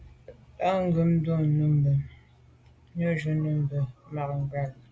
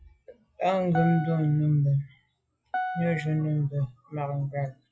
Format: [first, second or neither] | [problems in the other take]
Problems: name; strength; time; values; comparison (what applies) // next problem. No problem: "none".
first | noise reduction (classical method log-MMSE)